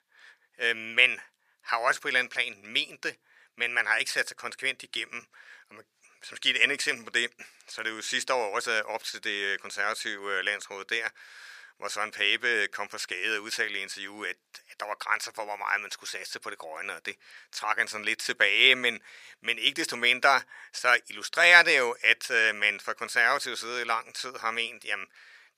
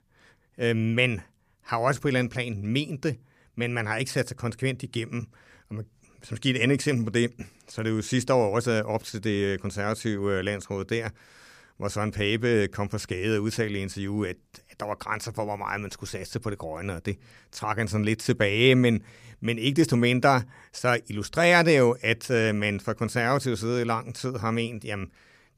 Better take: second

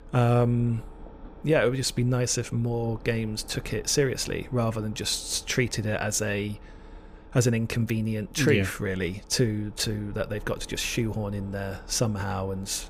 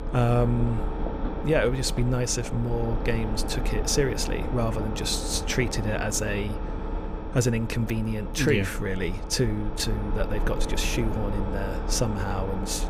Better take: first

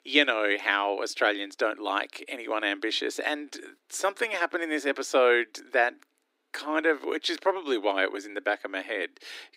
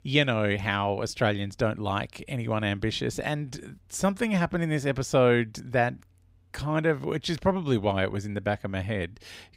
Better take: second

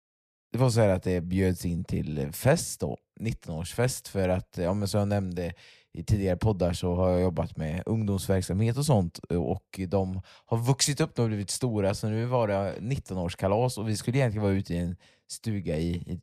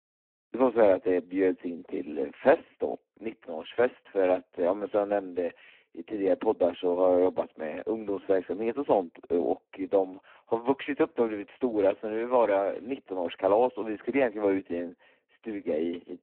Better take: first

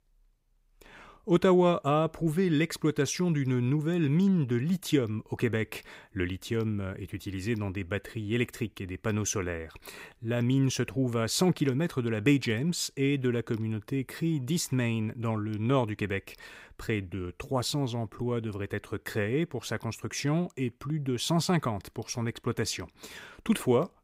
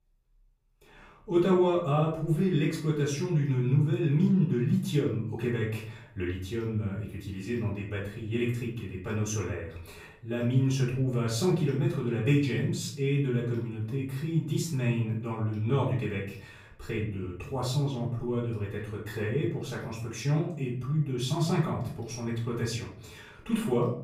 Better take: first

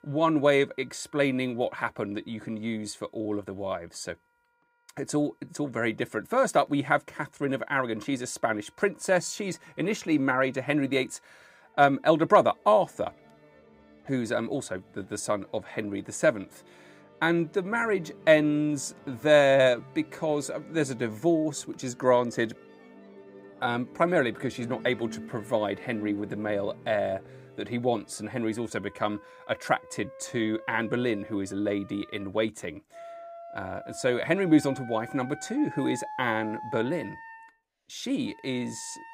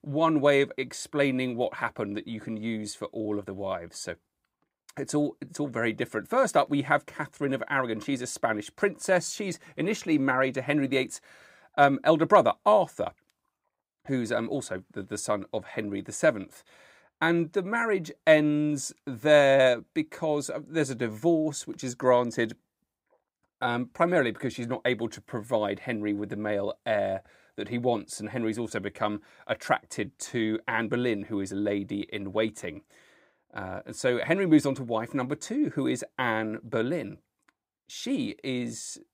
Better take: second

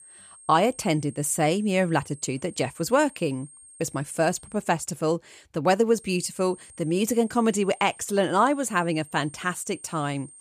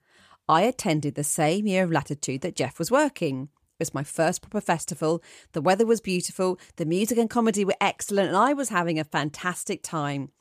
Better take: second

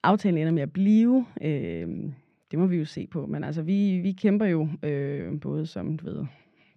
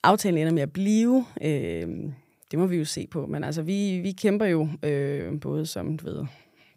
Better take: second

